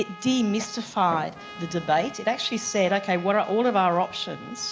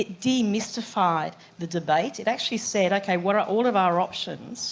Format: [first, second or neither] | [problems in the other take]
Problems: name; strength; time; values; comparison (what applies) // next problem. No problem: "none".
second | background sound (Fireworks + Trumpet); 17 dB below the speech